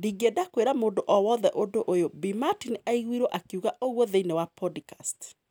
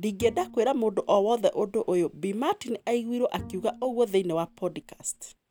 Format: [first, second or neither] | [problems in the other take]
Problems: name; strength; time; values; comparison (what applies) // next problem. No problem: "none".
first | background sound (Bowed string instrument); 20 dB below the speech